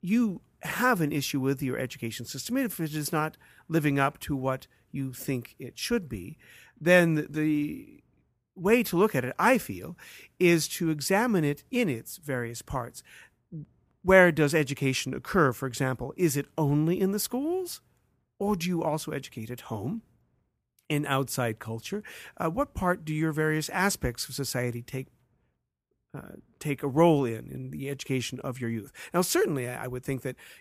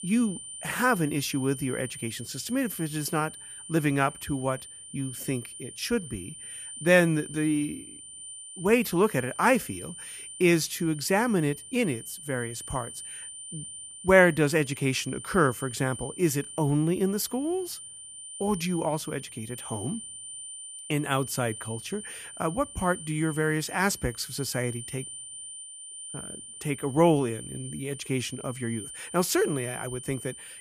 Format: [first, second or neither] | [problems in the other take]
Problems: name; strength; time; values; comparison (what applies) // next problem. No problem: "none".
first | high-pitched whine; noticeable; throughout; 9 kHz, 10 dB below the speech